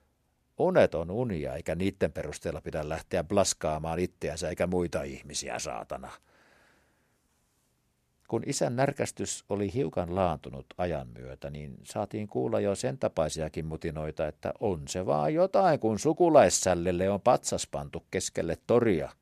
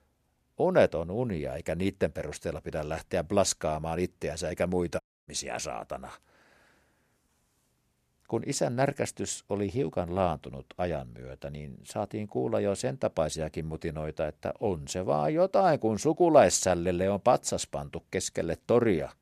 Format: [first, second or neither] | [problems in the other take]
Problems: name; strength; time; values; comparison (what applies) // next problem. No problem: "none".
first | audio cutting out; at 5 s